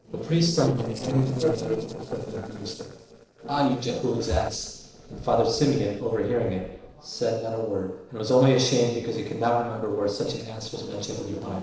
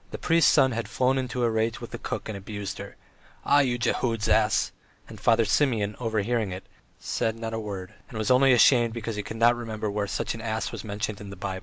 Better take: second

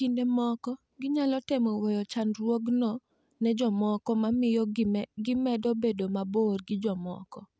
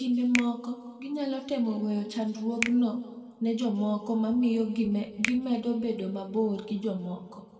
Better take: first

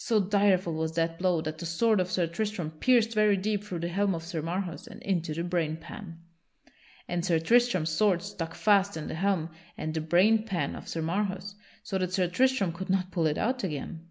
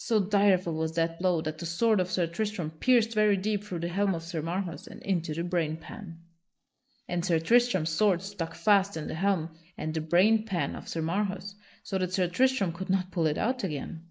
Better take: first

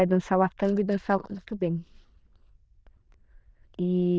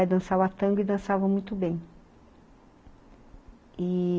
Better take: second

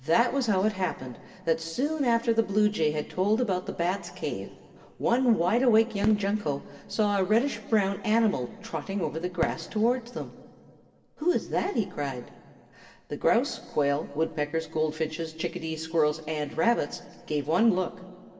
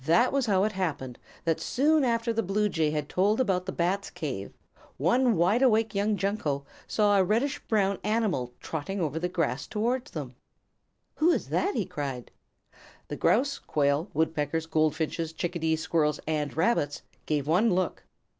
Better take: second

